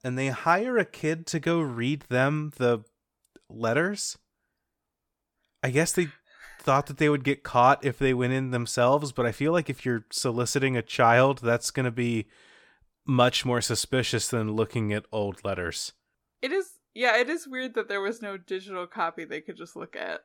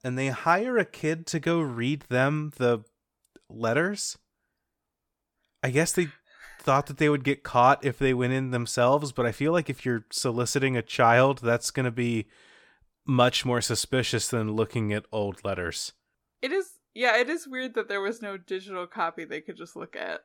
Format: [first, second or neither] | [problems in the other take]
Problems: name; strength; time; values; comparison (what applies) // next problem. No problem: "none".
neither | none